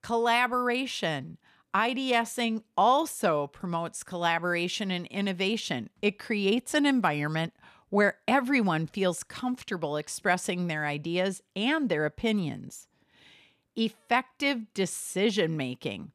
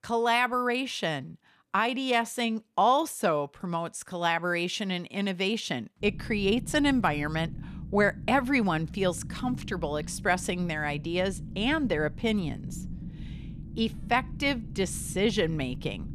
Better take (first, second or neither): first